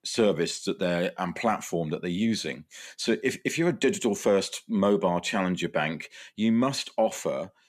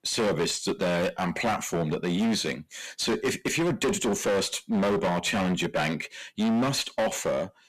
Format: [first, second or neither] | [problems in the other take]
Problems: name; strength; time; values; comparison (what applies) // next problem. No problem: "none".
first | distortion; heavy; 20% of the sound clipped